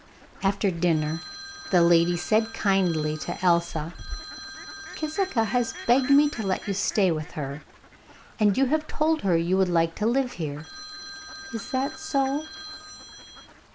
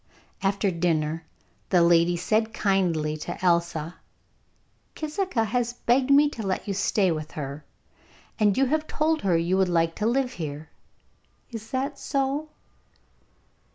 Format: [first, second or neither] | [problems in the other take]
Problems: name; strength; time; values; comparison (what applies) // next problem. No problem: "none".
second | background sound (Telephone + Fowl); 15 dB below the speech